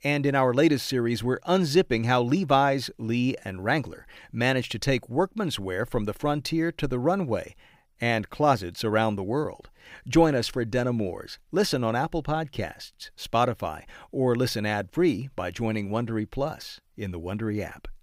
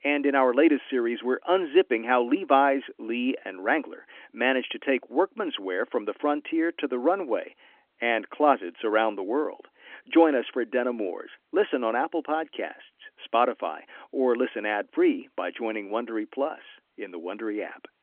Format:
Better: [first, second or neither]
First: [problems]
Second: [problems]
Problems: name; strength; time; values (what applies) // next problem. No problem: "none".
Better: first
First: none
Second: phone-call audio; nothing above 3.5 kHz